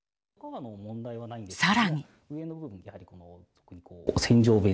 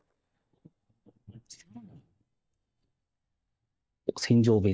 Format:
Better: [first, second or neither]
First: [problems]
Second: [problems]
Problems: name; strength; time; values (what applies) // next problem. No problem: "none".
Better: first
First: none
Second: noise reduction (neural mask model DeepFilterNet 3)